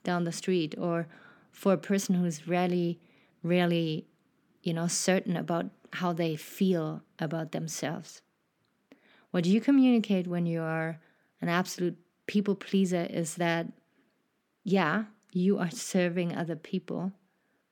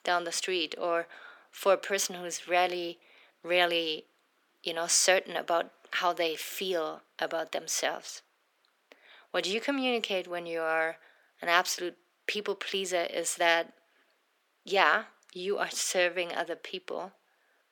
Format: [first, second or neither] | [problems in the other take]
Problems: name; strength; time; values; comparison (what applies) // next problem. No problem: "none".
first | thin; very; fading below 500 Hz